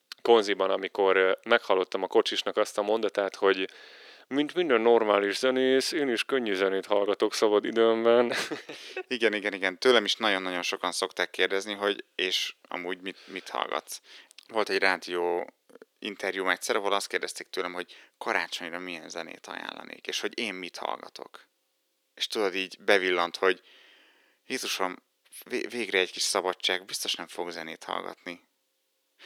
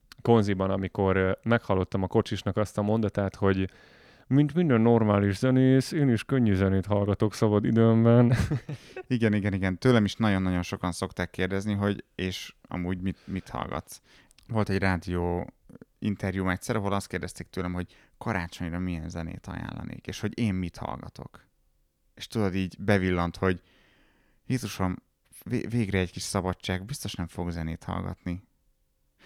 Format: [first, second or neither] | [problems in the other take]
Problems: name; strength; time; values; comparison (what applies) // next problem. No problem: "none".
second | thin; very; fading below 350 Hz